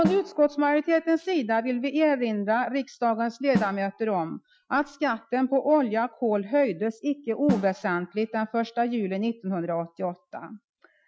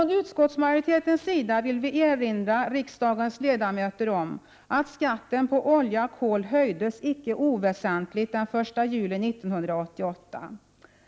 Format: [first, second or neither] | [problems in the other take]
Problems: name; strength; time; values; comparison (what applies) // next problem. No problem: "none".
second | noise reduction (classical method Wiener filter)